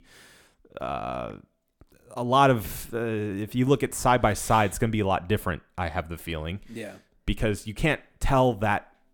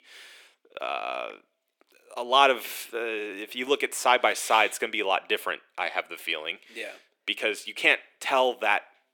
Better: first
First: none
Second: thin; very; fading below 350 Hz

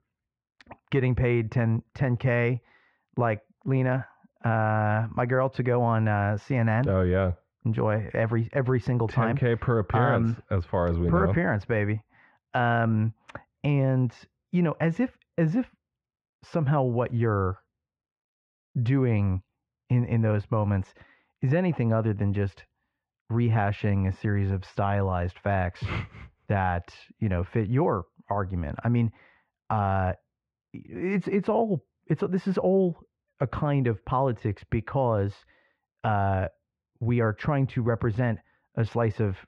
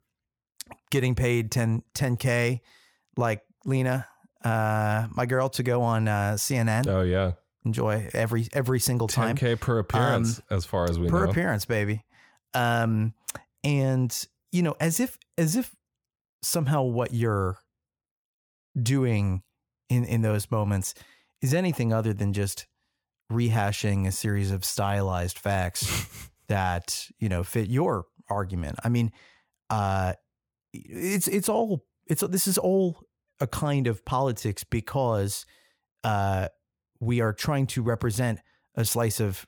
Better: second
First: muffled; very; fading above 2.5 kHz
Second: none

